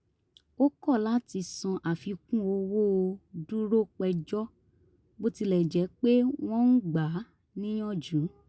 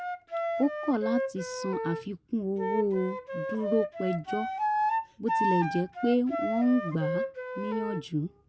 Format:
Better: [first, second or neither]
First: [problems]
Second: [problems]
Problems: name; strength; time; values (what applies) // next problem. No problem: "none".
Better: first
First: none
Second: background sound (Wind instrument, woodwind instrument); 2 dB below the speech